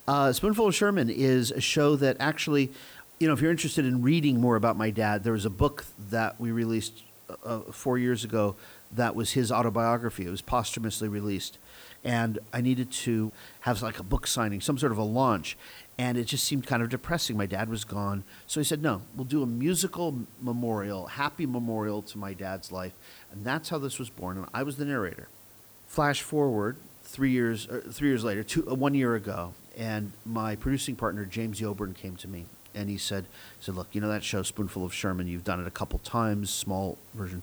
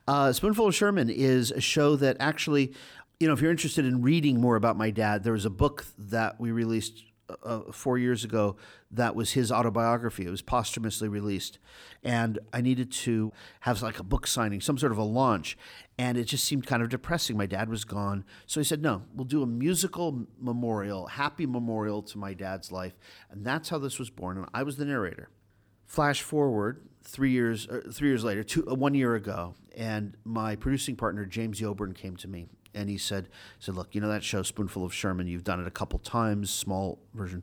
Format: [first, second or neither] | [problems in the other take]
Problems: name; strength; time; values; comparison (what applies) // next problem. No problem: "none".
second | hiss; faint; throughout; 20 dB below the speech